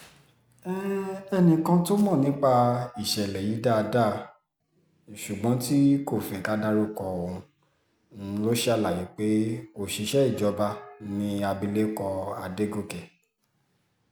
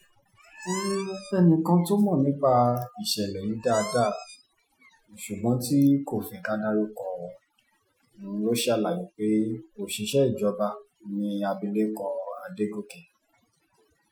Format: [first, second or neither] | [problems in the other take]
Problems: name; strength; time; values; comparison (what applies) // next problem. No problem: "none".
first | noise reduction (classical method Wiener filter)